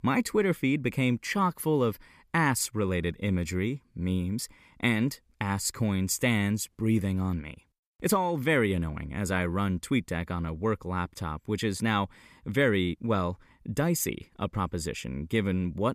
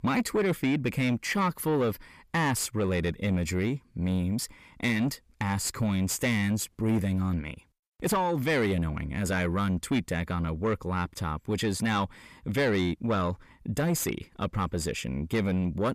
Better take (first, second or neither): first